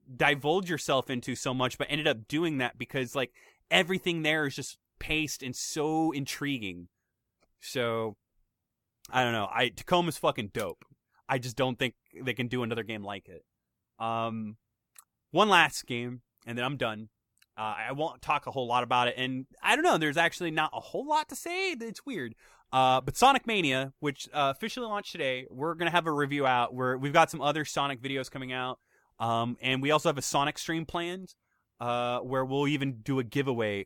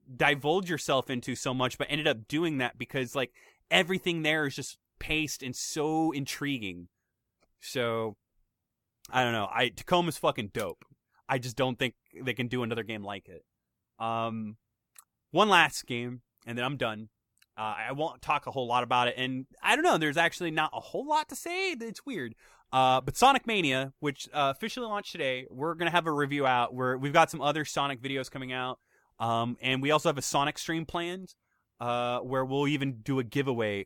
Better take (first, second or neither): neither